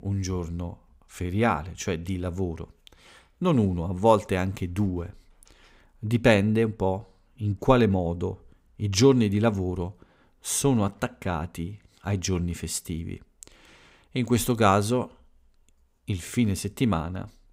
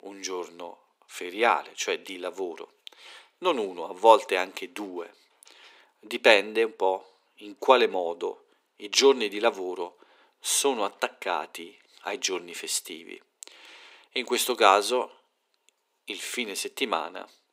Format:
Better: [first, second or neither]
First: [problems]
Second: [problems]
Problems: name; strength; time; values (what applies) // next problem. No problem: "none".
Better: first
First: none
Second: thin; very; fading below 350 Hz